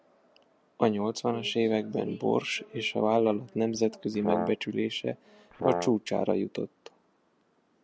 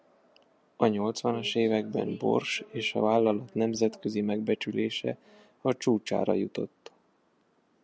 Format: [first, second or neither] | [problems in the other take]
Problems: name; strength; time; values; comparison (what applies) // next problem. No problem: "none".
second | background sound (Brass instrument); 3 dB below the speech